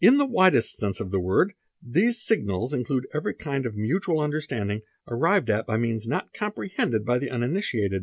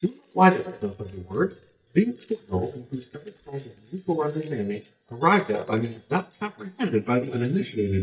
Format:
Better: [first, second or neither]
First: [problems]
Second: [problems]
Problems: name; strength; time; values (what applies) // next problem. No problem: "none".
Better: first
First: none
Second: noise reduction (neural mask model DeepFilterNet 3)